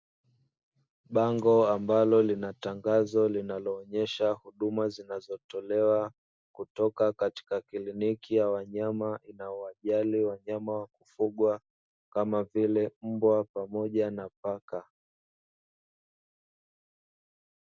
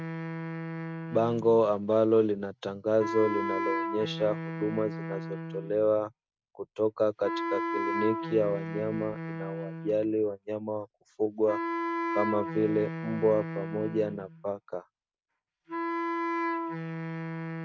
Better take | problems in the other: first | noise reduction (neural mask model RNNoise)

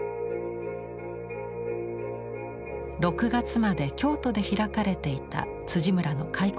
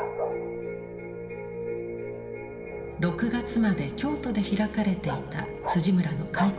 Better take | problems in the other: first | background sound (Bark); 11 dB below the speech // room echo; dies away in 2.3 s

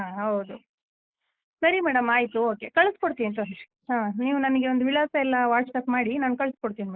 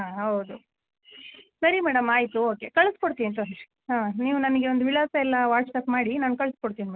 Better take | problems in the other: second | noise reduction (neural mask model Resemble Enhance denoiser)

